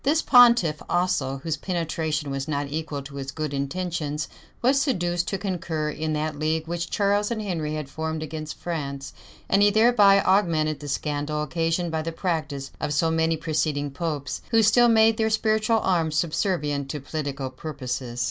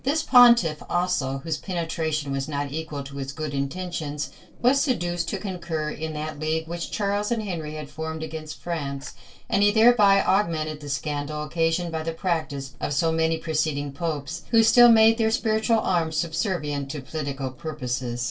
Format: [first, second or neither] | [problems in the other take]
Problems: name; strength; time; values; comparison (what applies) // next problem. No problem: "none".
first | noise reduction (neural separator model SepFormer DNS4)